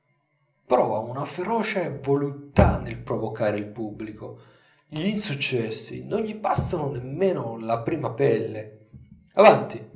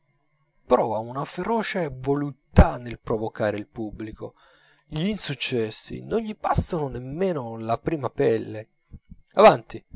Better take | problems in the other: second | room echo; dies away in 0.5 s

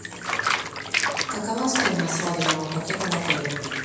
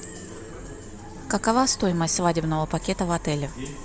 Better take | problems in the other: second | background sound (Bathtub (filling or washing) / Water); 1 dB above the speech // room echo; dies away in 1.1 s

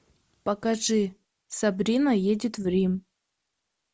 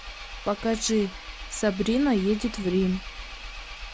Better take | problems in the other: first | background sound (Engine); 12 dB below the speech

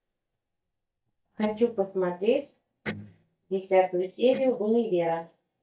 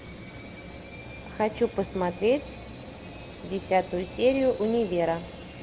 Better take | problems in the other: second | noise reduction (neural mask model DeepFilterNet 3)

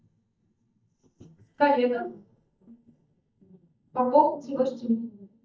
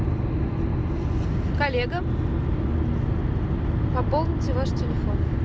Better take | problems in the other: second | noise reduction (neural mask model DeepFilterNet 3)

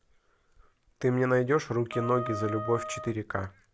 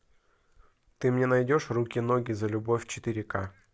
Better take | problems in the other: second | background sound (Wind instrument, woodwind instrument); 9 dB below the speech

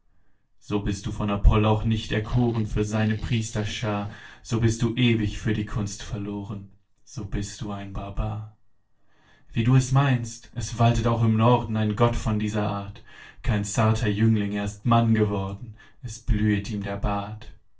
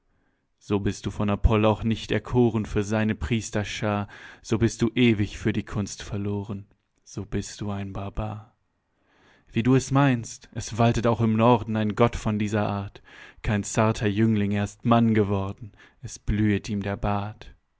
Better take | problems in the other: second | noise reduction (neural separator model SepFormer DNS4)

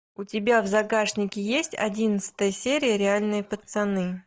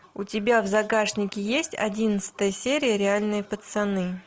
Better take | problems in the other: second | noise reduction (neural mask model DeepFilterNet 3)

